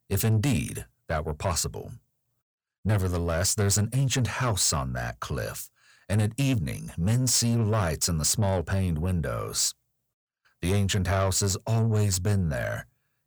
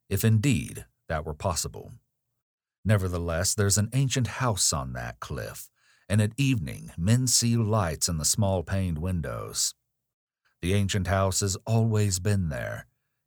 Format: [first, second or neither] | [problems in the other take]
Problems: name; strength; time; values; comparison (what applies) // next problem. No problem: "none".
second | distortion; slight; 10 dB below the speech